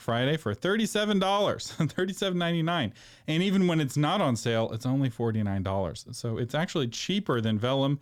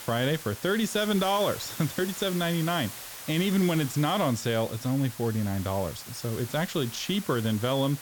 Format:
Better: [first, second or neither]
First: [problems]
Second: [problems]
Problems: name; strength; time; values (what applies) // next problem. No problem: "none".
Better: first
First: none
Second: hiss; noticeable; throughout; 10 dB below the speech